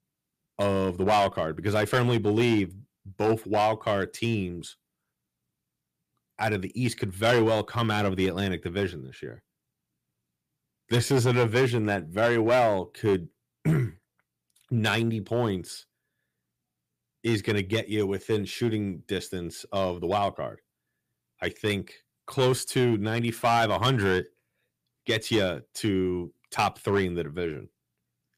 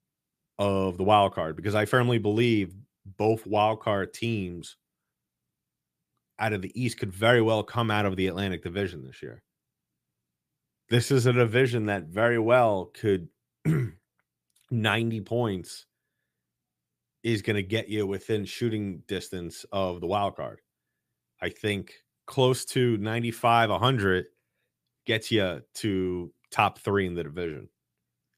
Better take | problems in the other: second | distortion; slight; 3% of the sound clipped

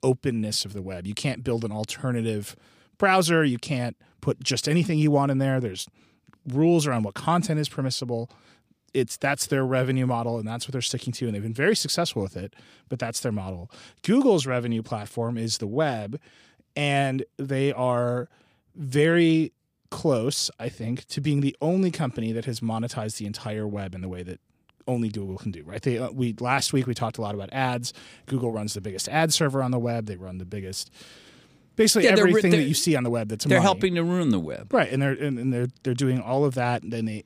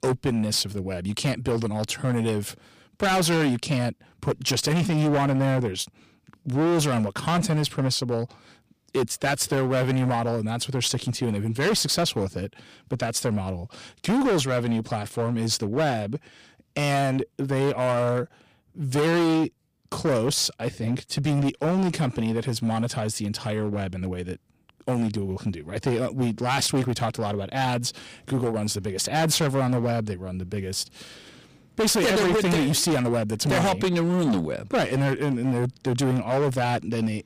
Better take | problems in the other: first | distortion; heavy; 14% of the sound clipped

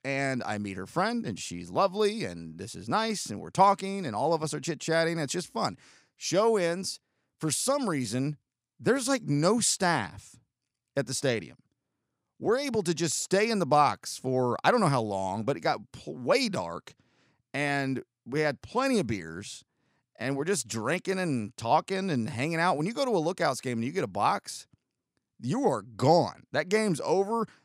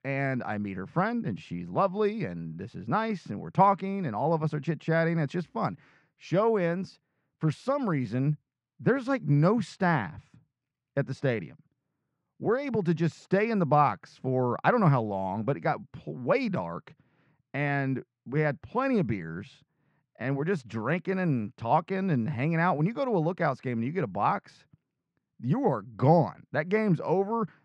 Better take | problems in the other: first | muffled; very; fading above 2 kHz

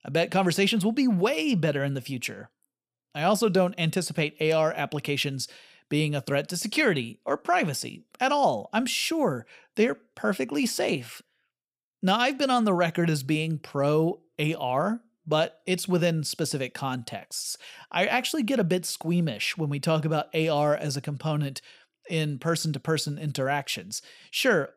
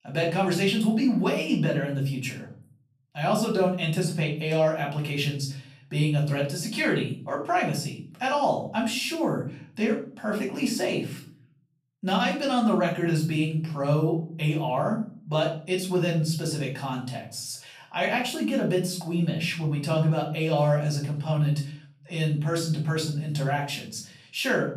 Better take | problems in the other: first | off-mic speech; far // room echo; slight; dies away in 0.5 s

